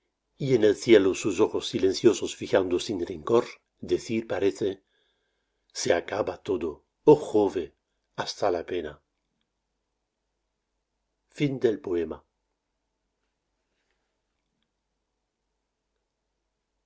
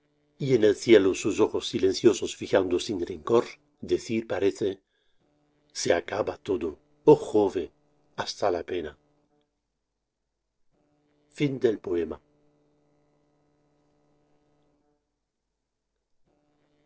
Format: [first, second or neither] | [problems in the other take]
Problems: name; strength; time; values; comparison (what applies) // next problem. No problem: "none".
first | noise reduction (neural separator model SepFormer DNS4)